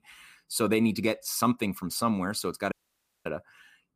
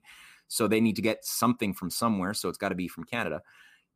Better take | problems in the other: second | audio cutting out; at 2.5 s for 0.5 s

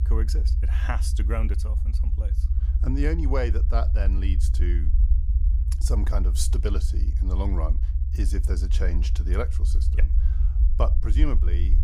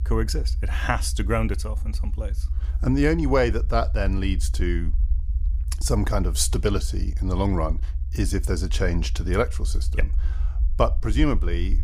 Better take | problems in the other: second | low rumble; loud; throughout; 9 dB below the speech; faint in the second

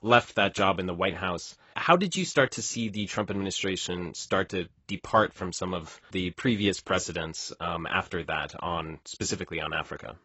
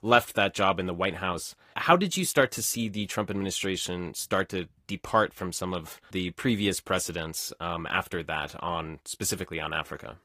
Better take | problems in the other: second | garbled, watery; badly; nothing above 8 kHz; slightly in the second

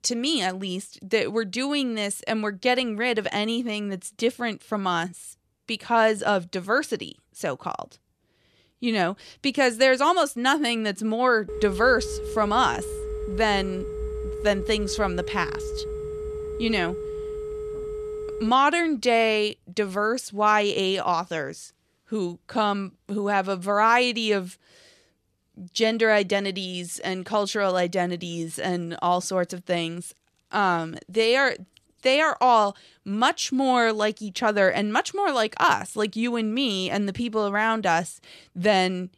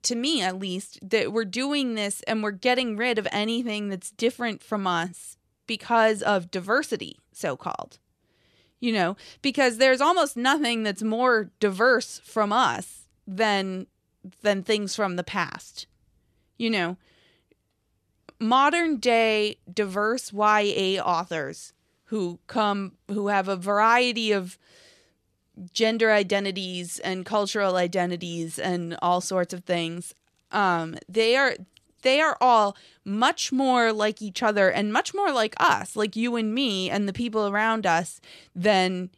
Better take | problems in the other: second | phone ringing; noticeable; from 11 to 18 s; peak 8 dB below the speech

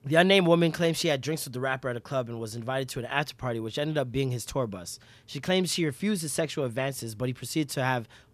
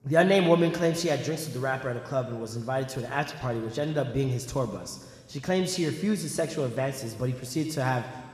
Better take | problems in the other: first | room echo; slight; dies away in 1.7 s

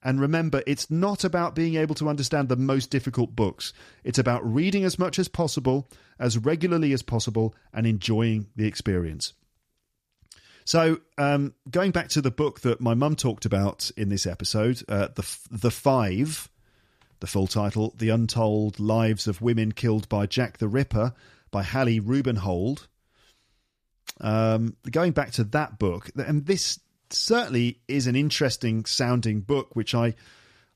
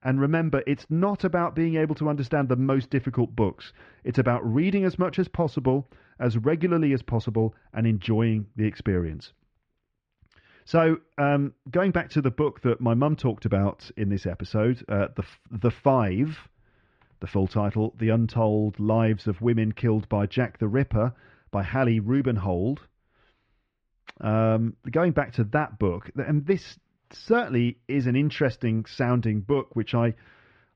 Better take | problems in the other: first | muffled; very; fading above 2.5 kHz

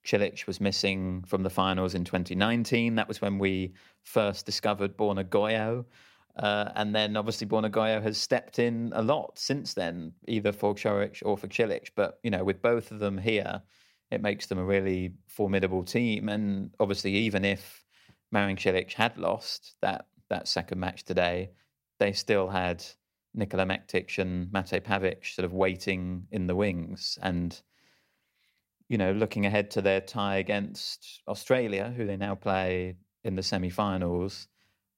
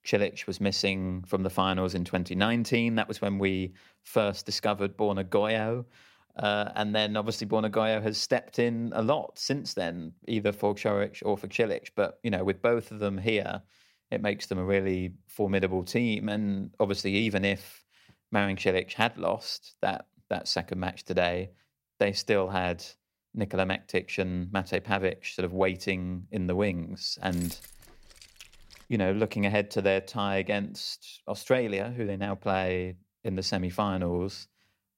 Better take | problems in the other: first | jangling keys; faint; from 27 to 29 s; peak 10 dB below the speech

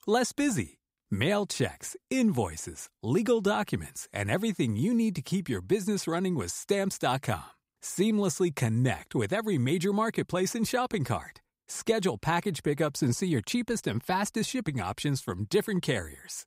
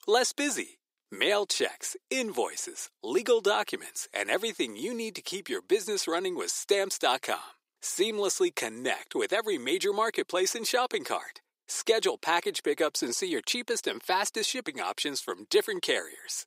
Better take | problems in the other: first | thin; somewhat; fading below 350 Hz

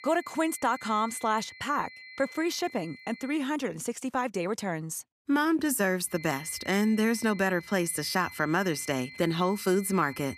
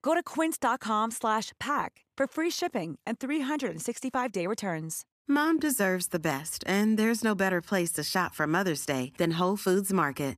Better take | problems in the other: second | high-pitched whine; noticeable; until 3.5 s and from 6 s on; 2 kHz, 15 dB below the speech

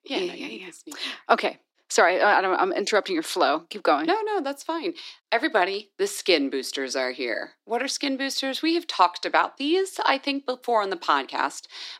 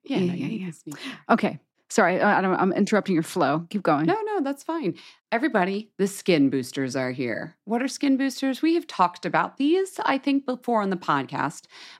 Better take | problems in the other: second | thin; somewhat; fading below 350 Hz

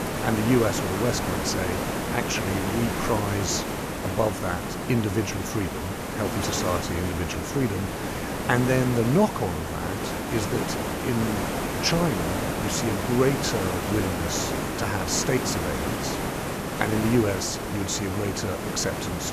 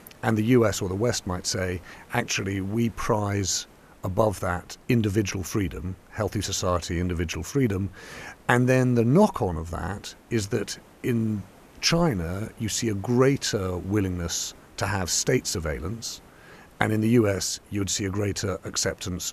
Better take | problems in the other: second | hiss; loud; throughout; 2 dB below the speech; faint in the second

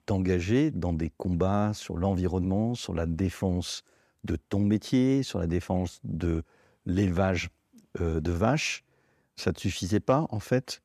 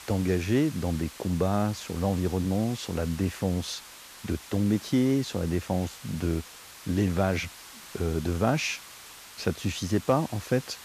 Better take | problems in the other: first | hiss; noticeable; throughout; 15 dB below the speech

